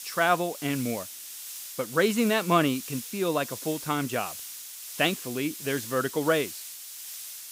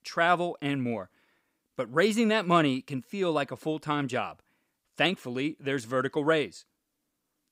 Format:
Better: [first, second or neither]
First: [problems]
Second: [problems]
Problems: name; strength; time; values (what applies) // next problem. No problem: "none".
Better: second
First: hiss; loud; throughout; 10 dB below the speech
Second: none